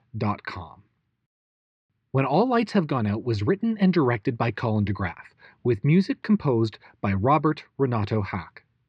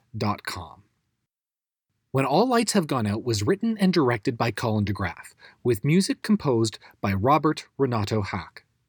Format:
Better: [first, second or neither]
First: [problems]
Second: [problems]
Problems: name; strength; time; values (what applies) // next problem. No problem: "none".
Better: second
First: muffled; slightly; fading above 3.5 kHz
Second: none